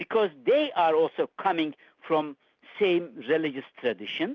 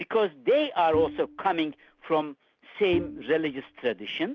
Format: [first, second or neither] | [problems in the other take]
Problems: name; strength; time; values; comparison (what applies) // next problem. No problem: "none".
first | background sound (Bowed string instrument); 14 dB below the speech